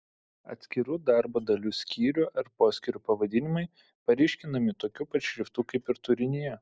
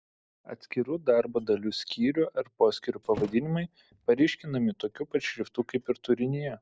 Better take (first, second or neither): first